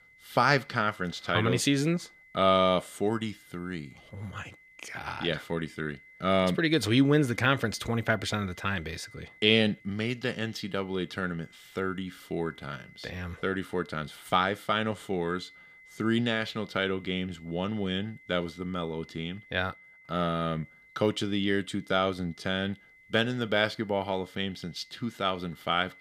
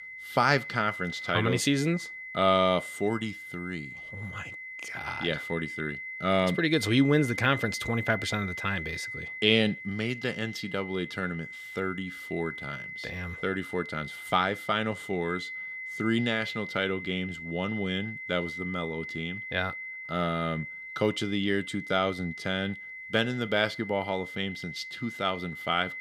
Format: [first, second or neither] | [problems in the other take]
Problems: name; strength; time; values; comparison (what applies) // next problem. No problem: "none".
first | high-pitched whine; loud; throughout; 2 kHz, 8 dB below the speech; faint in the first